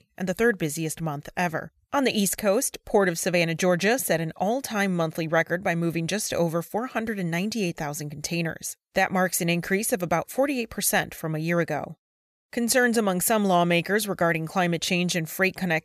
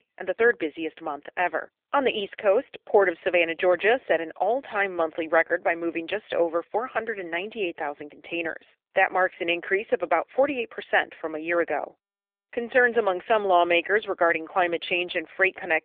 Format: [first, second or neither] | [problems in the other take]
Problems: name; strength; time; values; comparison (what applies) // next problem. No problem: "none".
first | phone-call audio